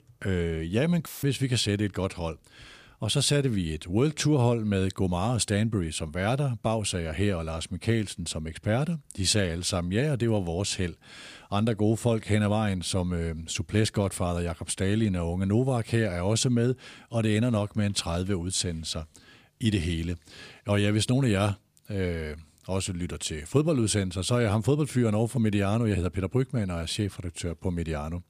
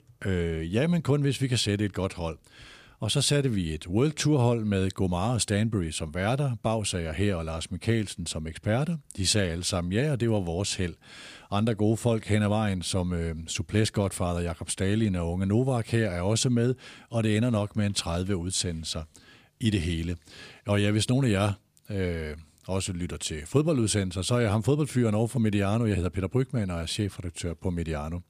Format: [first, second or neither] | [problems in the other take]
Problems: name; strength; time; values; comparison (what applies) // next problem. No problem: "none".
second | audio cutting out; filled with static; at 1 s